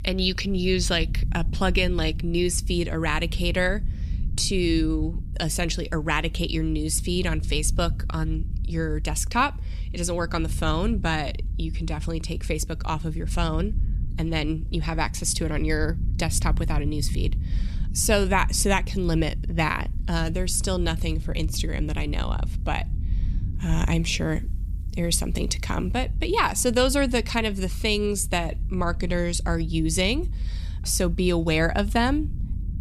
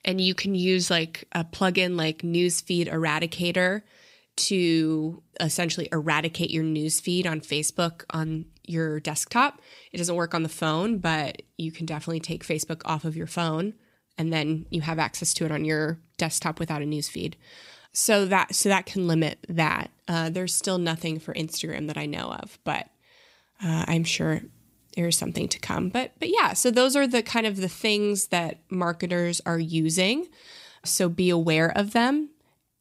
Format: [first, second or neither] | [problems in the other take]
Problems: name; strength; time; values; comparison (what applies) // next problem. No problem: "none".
second | low rumble; faint; throughout; 20 dB below the speech